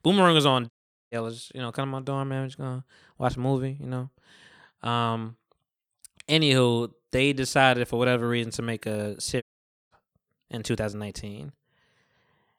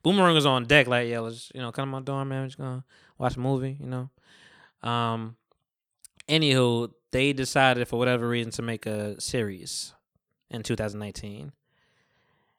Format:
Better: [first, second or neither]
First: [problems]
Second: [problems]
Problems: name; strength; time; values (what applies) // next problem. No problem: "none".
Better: second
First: audio cutting out; at 0.5 s and at 9.5 s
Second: none